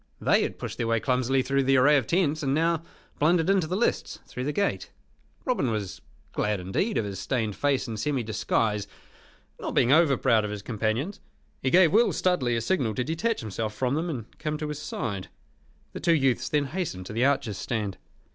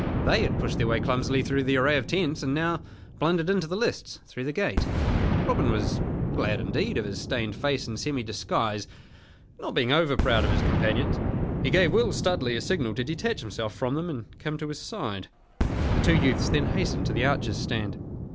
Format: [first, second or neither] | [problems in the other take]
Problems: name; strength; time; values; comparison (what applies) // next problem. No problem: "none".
first | background sound (Boom); 1 dB below the speech